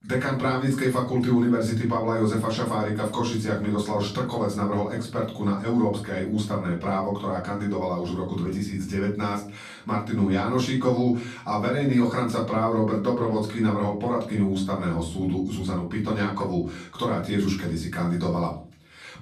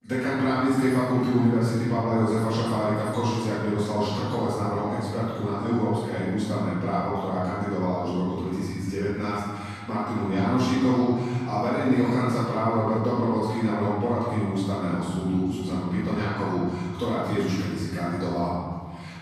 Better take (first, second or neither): first